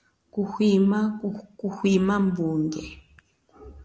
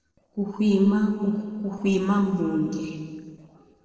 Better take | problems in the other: first | noise reduction (neural separator model SepFormer DNS4)

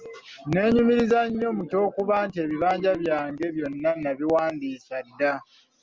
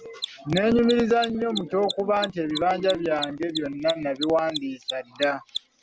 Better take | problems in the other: first | background sound (Mechanisms); 12 dB below the speech

